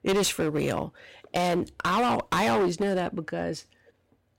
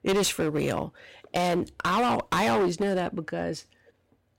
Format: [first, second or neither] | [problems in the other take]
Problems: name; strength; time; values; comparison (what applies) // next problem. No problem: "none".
neither | distortion; heavy; 15% of the sound clipped; the same in both